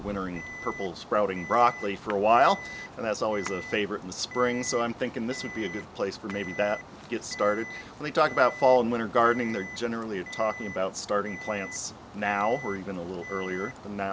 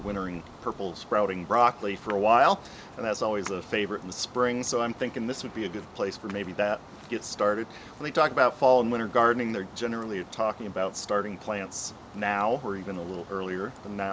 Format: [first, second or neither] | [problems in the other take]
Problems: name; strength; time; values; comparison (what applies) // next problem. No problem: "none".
second | background sound (Alarm); 15 dB below the speech